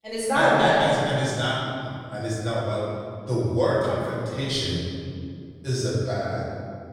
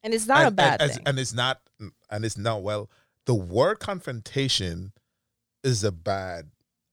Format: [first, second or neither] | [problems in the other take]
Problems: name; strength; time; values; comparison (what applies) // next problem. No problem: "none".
second | room echo; strong; dies away in 2.4 s // off-mic speech; far